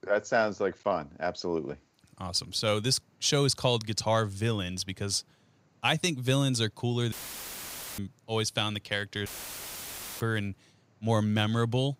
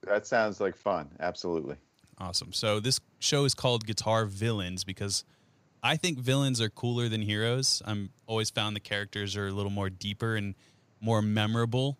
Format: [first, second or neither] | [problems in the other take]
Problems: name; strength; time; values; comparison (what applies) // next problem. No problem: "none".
second | audio cutting out; filled with static; at 7 s for 1 s and at 9.5 s for 1 s